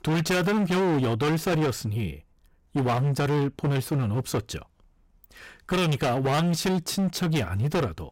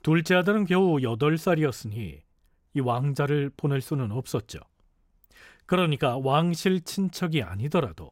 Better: second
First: distortion; heavy; 24% of the sound clipped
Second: none

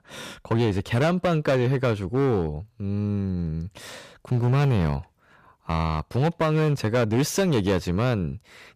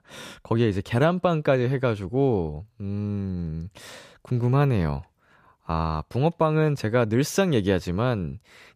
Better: second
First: distortion; slight; 9% of the sound clipped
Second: none

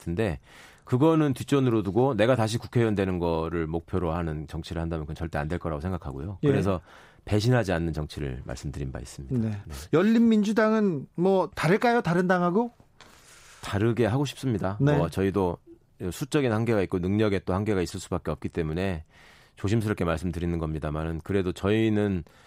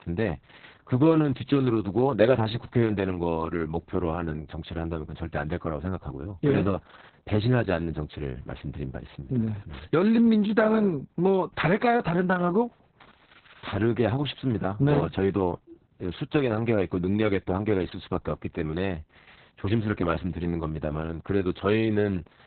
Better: first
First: none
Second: garbled, watery; badly; nothing above 4 kHz

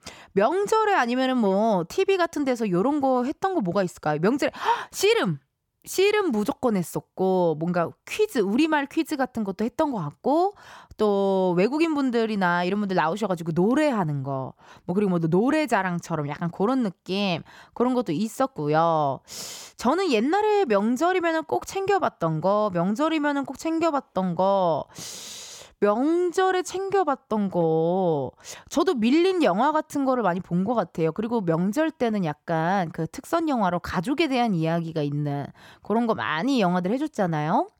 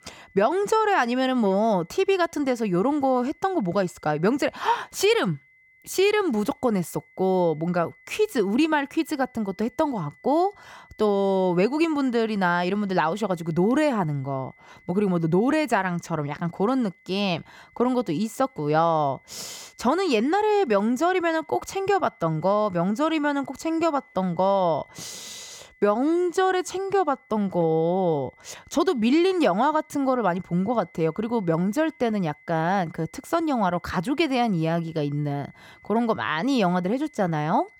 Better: first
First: none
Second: high-pitched whine; faint; throughout; 2 kHz, 30 dB below the speech

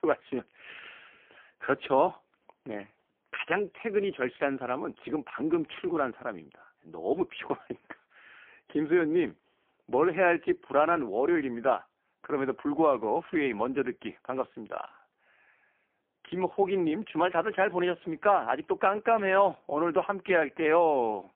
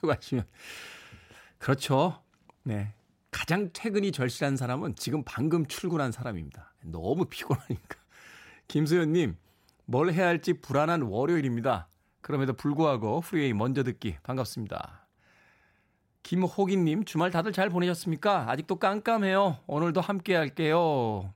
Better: second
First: phone-call audio; poor line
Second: none

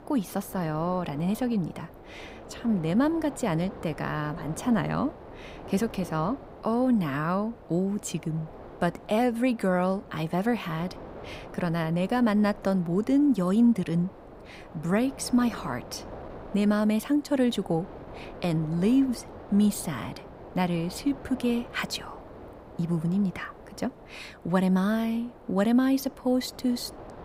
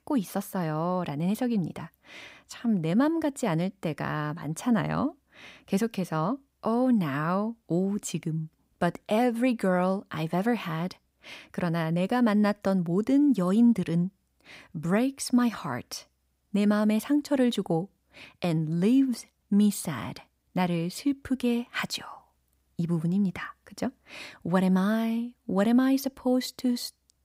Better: second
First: wind noise on the microphone; occasional gusts; 15 dB below the speech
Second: none

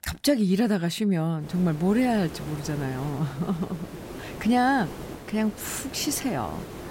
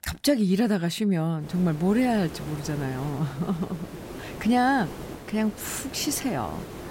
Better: neither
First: hiss; noticeable; from 1.5 s on; 15 dB below the speech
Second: hiss; noticeable; from 1.5 s on; 15 dB below the speech

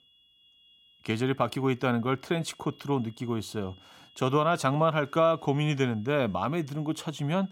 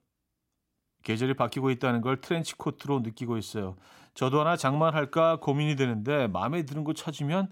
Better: second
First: high-pitched whine; faint; throughout; 3.5 kHz, 30 dB below the speech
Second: none

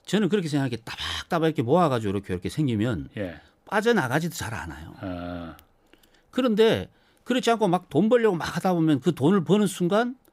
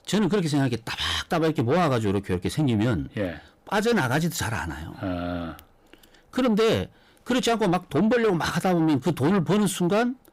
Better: first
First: none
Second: distortion; heavy; 8 dB below the speech

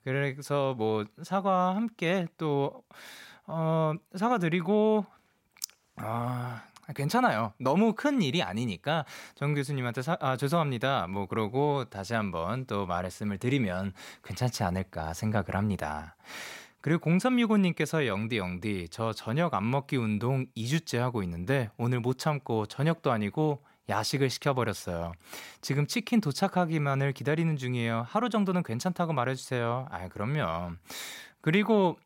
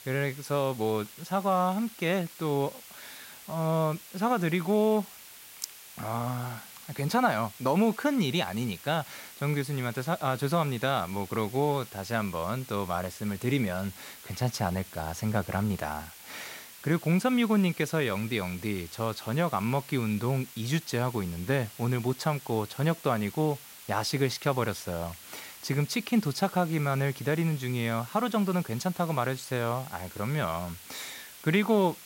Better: first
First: none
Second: hiss; noticeable; throughout; 15 dB below the speech

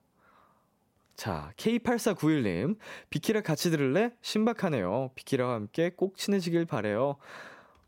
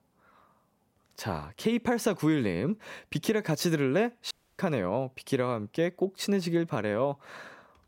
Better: first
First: none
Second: audio cutting out; at 4.5 s

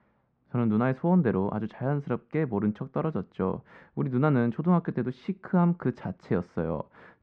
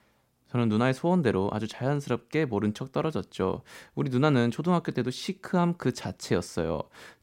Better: second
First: muffled; very; fading above 1.5 kHz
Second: none

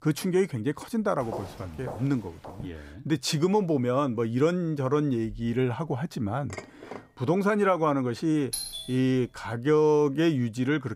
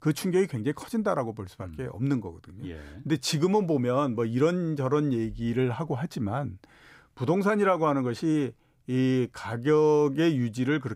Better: second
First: footsteps; faint; from 1 to 2.5 s; peak 10 dB below the speech // clattering dishes; faint; at 6.5 s; peak 15 dB below the speech // doorbell; noticeable; at 8.5 s; peak 5 dB below the speech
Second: none

